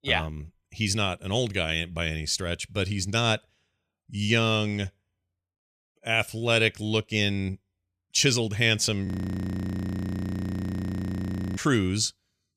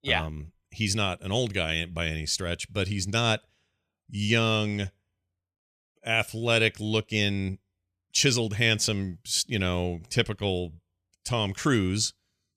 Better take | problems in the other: second | audio freezing; at 9 s for 2.5 s

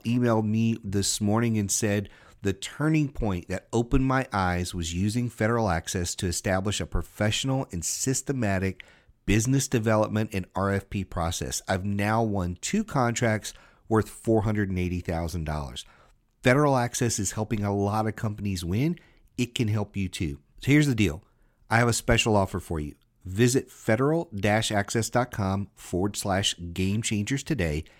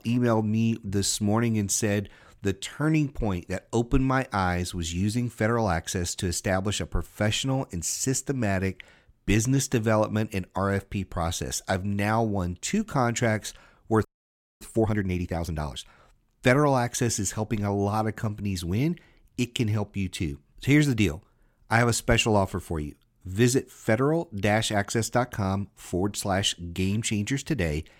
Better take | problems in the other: first | audio freezing; at 14 s for 0.5 s

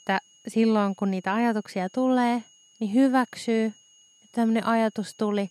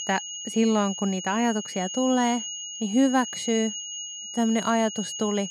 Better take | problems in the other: first | high-pitched whine; loud; throughout; 3 kHz, 7 dB below the speech; faint in the first

